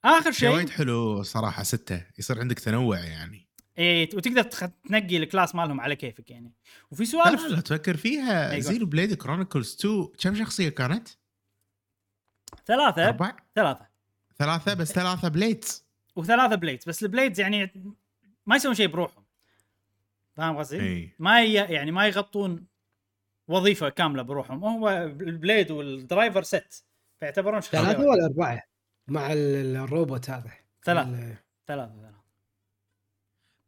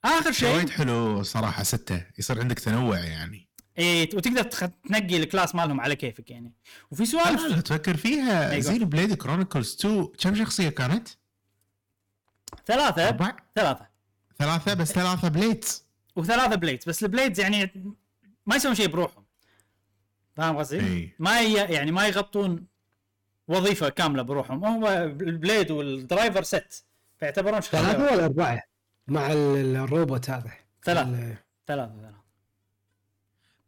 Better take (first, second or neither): first